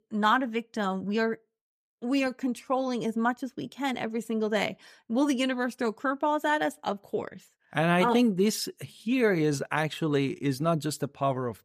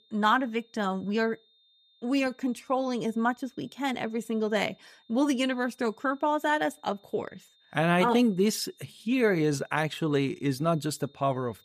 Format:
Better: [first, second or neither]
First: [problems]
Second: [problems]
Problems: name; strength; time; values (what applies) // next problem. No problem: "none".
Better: first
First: none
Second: high-pitched whine; faint; throughout; 3.5 kHz, 35 dB below the speech